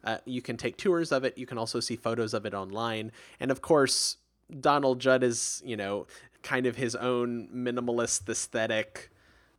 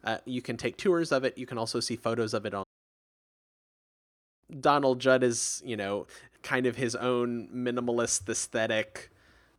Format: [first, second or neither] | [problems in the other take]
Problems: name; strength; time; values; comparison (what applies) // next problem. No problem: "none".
first | audio cutting out; at 2.5 s for 2 s